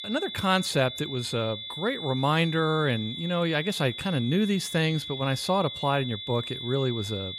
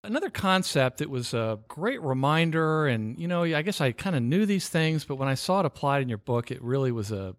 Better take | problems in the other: second | high-pitched whine; loud; throughout; 3.5 kHz, 8 dB below the speech

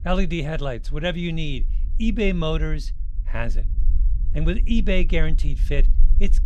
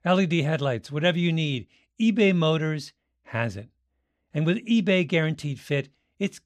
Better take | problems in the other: second | low rumble; faint; throughout; 20 dB below the speech

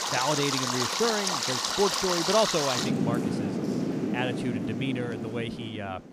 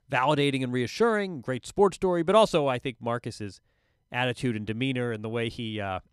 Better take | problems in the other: second | rain or running water; very loud; throughout; 2 dB above the speech

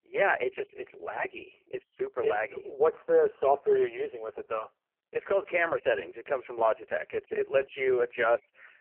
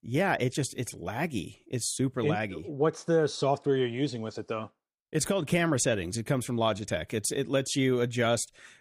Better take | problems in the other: second | phone-call audio; poor line

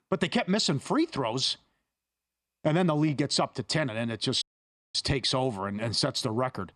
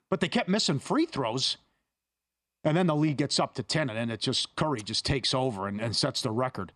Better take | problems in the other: second | audio cutting out; at 4.5 s for 0.5 s

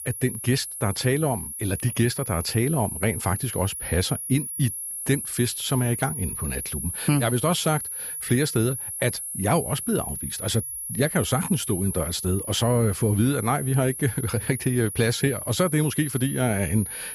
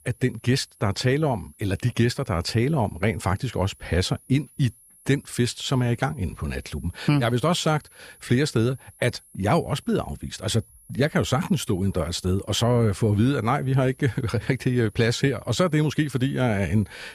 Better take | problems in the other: second | high-pitched whine; loud; throughout; 10.5 kHz, 6 dB below the speech; faint in the second

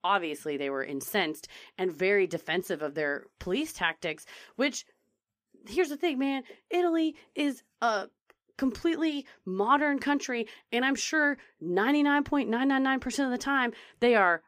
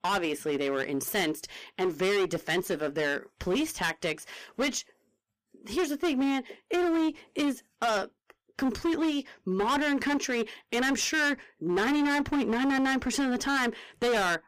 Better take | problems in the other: first | distortion; heavy; 18% of the sound clipped

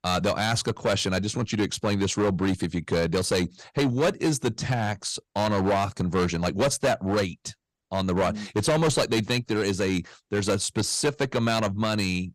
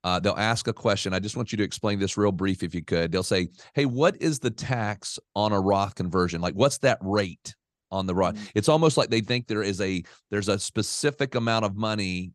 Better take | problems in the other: second | distortion; heavy; 9% of the sound clipped

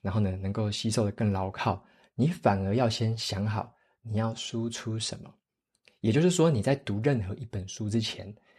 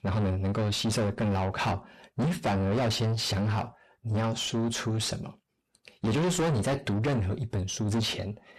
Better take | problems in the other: first | distortion; heavy; 5 dB below the speech

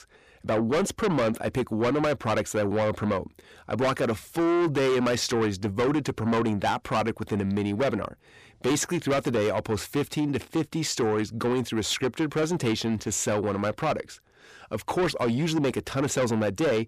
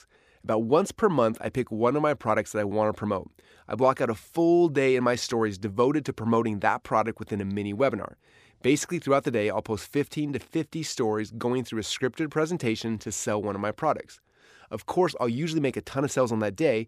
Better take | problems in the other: second | distortion; heavy; 7 dB below the speech

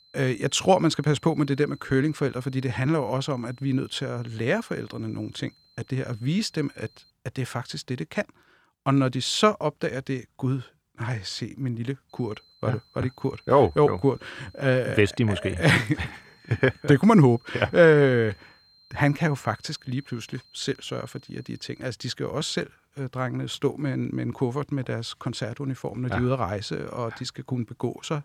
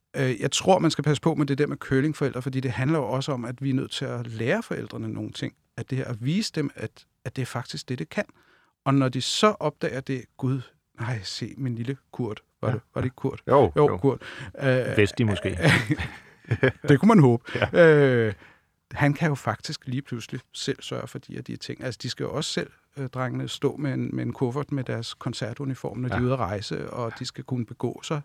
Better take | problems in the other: second | high-pitched whine; faint; until 7 s and from 12 to 22 s; 4 kHz, 30 dB below the speech

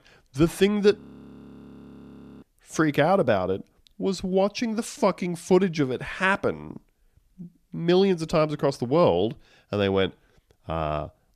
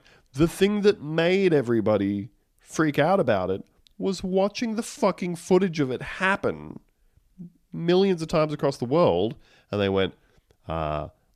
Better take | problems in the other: second | audio freezing; at 1 s for 1.5 s

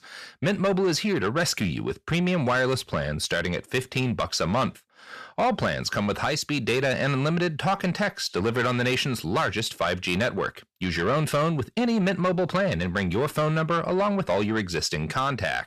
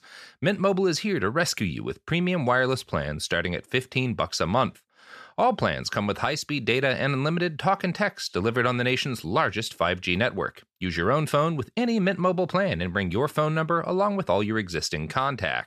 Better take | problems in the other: second | distortion; slight; 10 dB below the speech

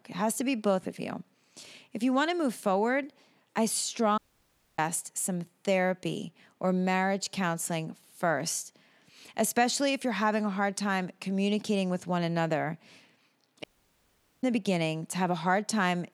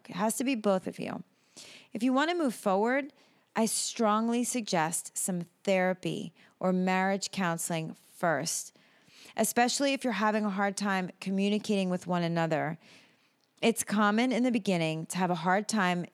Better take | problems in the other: second | audio cutting out; at 4 s for 0.5 s and at 14 s for 1 s

